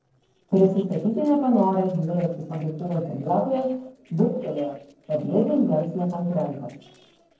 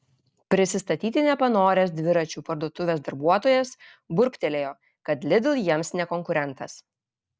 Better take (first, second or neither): second